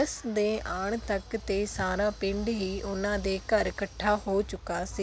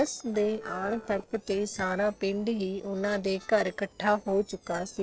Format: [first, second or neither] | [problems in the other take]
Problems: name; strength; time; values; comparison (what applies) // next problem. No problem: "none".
first | noise reduction (neural separator model SepFormer DNS4)